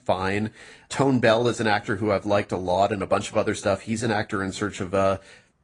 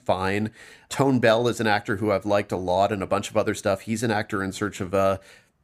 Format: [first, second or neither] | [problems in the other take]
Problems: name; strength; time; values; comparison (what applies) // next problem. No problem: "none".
second | garbled, watery; slightly; nothing above 8 kHz